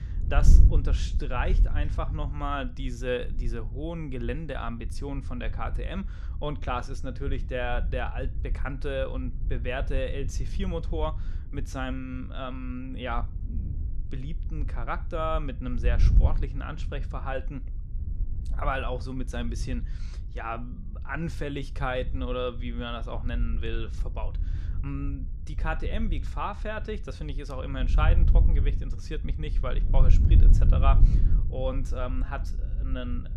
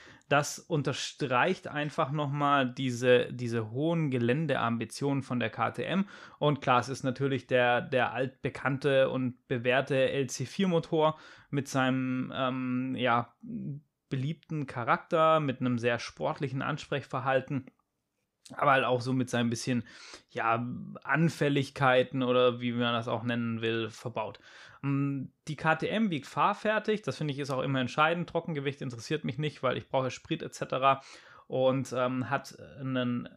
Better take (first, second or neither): second